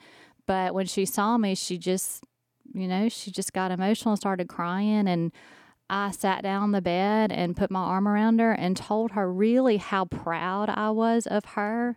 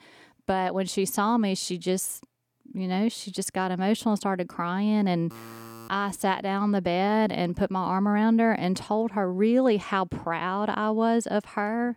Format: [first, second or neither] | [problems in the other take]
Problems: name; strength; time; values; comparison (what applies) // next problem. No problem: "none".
first | alarm; faint; at 5.5 s; peak 15 dB below the speech